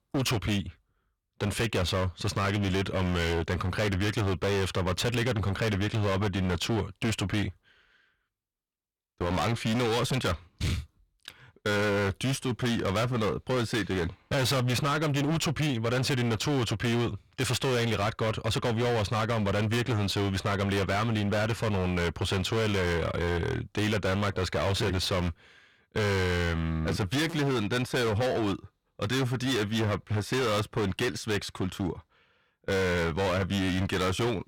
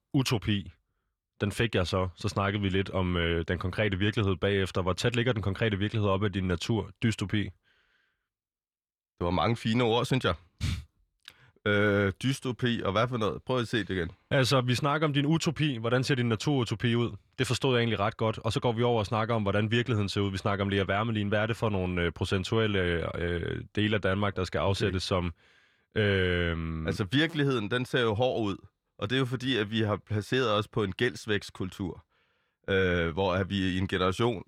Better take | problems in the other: second | distortion; heavy; 30% of the sound clipped

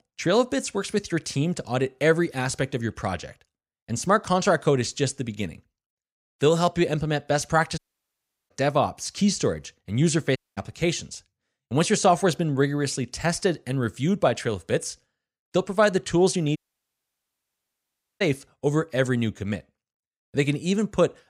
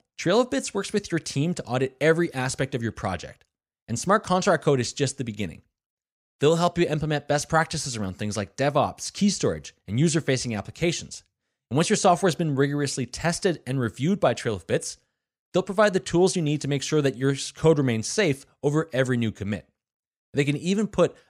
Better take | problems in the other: second | audio cutting out; at 8 s for 0.5 s, at 10 s and at 17 s for 1.5 s

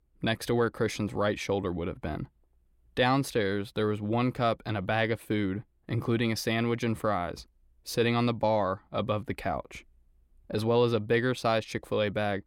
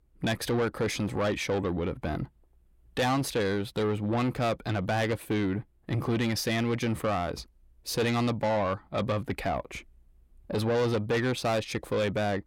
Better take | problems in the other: first | distortion; slight; 10 dB below the speech

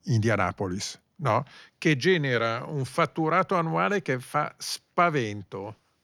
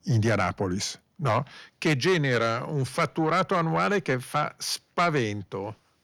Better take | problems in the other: first | distortion; slight; 10 dB below the speech

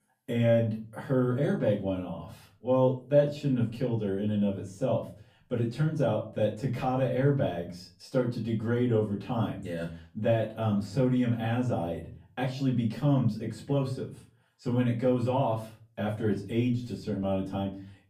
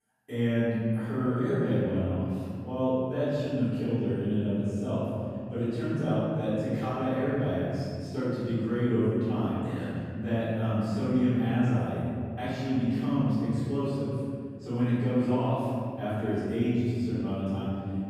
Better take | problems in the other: first | room echo; strong; dies away in 2.8 s; slight in the first // off-mic speech; far; far in the first

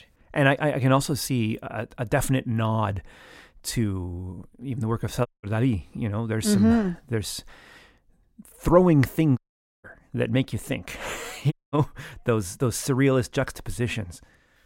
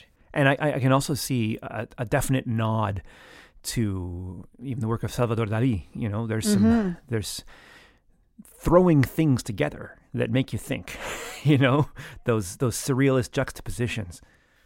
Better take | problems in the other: second | audio cutting out; at 5.5 s, at 9.5 s and at 12 s

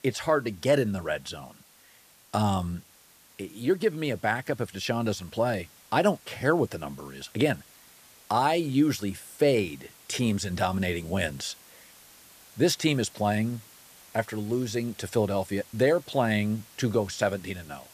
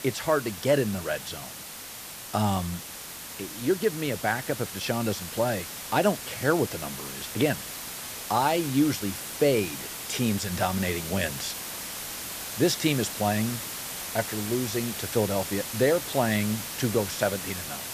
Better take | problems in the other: first | hiss; loud; throughout; 7 dB below the speech; faint in the first

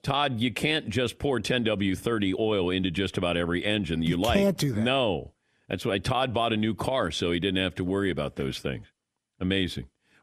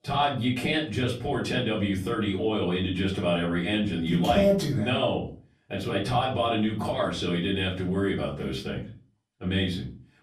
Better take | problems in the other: first | off-mic speech; far // room echo; slight; dies away in 0.3 s

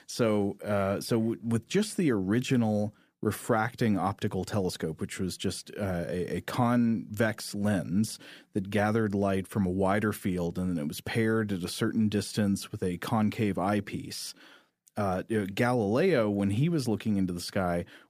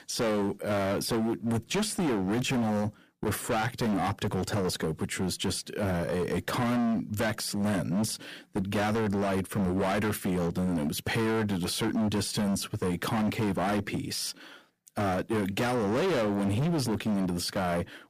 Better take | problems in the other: first | distortion; heavy; 25% of the sound clipped

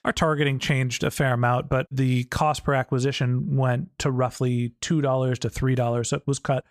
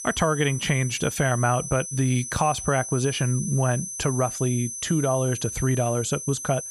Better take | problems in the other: first | high-pitched whine; loud; throughout; 6 kHz, 7 dB below the speech

